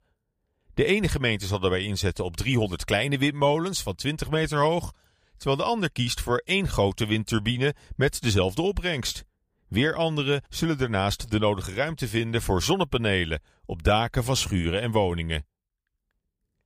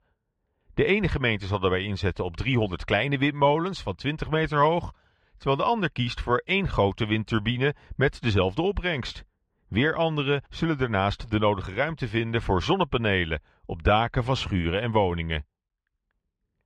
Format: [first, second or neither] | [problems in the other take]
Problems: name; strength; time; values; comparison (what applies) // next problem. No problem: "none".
first | muffled; slightly; fading above 2.5 kHz